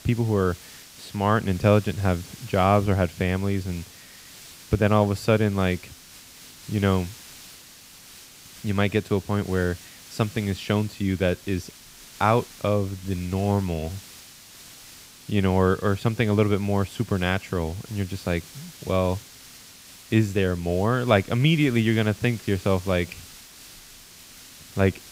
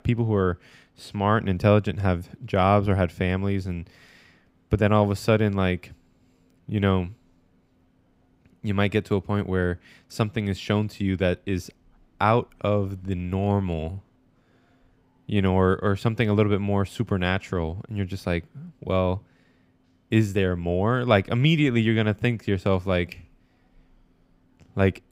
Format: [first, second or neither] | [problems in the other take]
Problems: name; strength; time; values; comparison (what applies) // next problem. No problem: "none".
second | hiss; noticeable; throughout; 20 dB below the speech